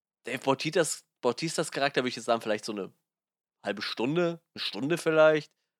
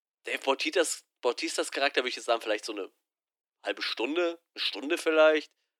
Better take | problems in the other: first | thin; somewhat; fading below 300 Hz

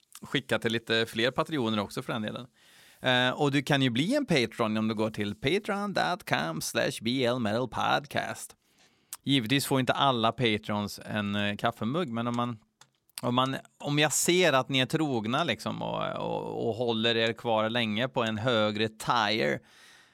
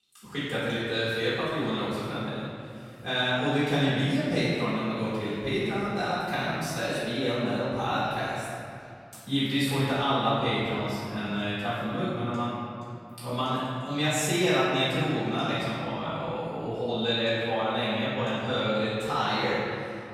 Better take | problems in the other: first | off-mic speech; far // room echo; strong; dies away in 2.5 s

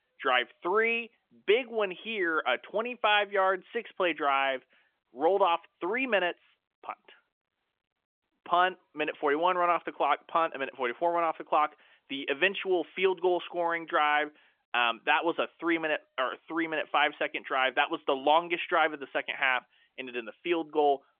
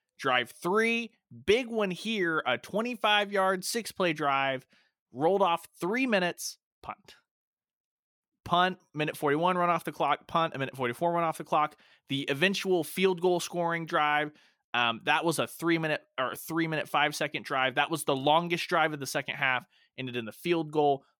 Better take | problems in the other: second | phone-call audio; nothing above 3.5 kHz

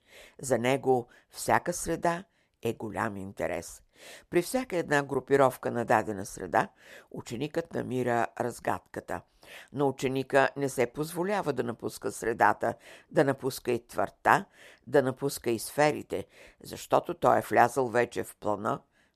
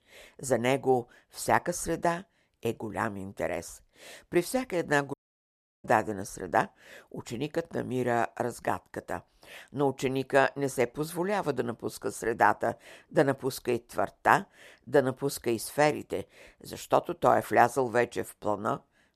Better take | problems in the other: first | audio cutting out; at 5 s for 0.5 s

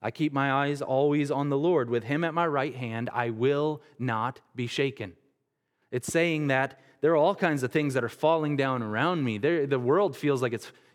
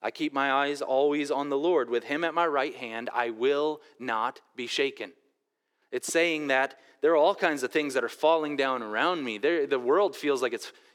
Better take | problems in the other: first | thin; somewhat; fading below 300 Hz

